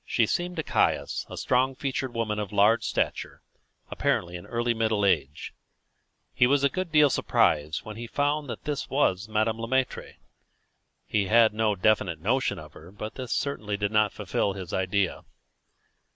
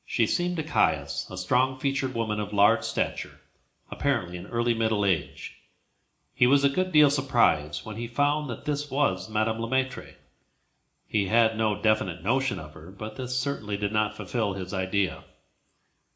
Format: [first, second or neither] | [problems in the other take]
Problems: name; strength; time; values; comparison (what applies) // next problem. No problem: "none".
first | room echo; dies away in 0.4 s